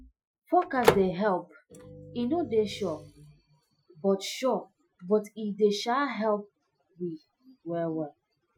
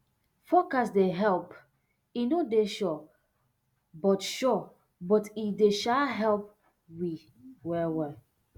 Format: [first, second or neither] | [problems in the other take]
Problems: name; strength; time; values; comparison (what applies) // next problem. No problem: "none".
second | noise reduction (classical method Wiener filter)